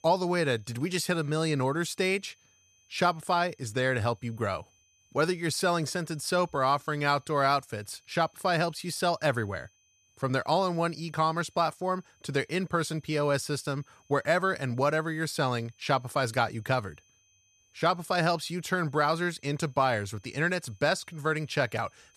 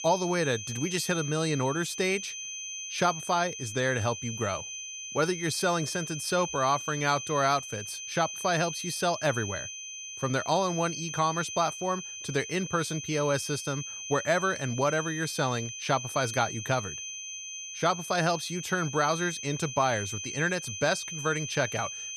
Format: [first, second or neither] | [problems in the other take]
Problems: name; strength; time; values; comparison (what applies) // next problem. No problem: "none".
first | high-pitched whine; loud; throughout; 6 kHz, 7 dB below the speech; faint in the first